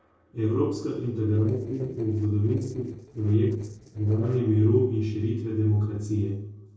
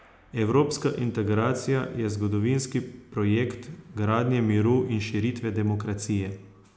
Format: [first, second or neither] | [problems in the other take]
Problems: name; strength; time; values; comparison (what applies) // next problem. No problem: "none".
second | noise reduction (neural separator model SepFormer DNS4)